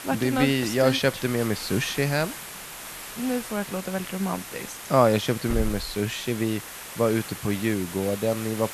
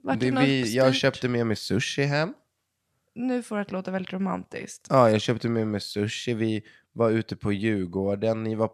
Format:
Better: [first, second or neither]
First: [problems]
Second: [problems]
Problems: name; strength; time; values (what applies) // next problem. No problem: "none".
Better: second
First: hiss; noticeable; throughout; 10 dB below the speech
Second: none